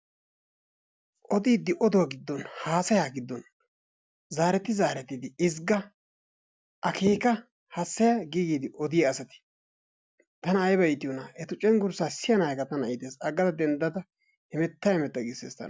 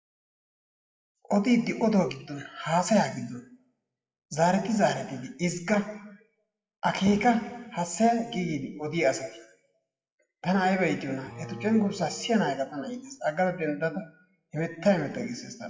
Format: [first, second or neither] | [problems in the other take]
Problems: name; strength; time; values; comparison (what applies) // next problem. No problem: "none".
first | noise reduction (classical method WPE with log-MMSE)